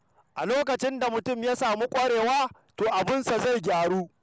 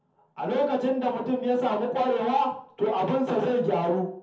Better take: first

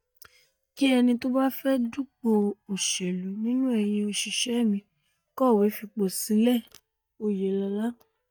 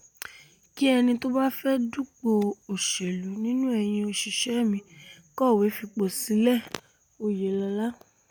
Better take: second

